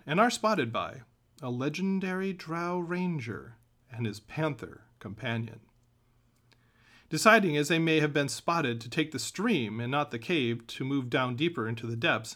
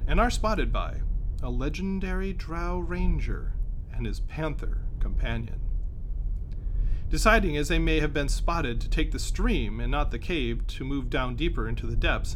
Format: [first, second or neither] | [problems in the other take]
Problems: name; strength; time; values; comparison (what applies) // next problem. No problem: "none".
first | low rumble; faint; throughout; 25 dB below the speech